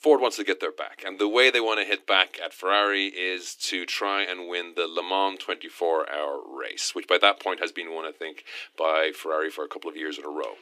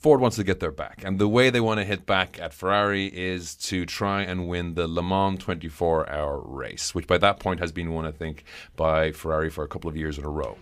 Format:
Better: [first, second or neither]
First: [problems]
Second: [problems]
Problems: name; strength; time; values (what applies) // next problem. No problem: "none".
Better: second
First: thin; somewhat; fading below 300 Hz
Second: none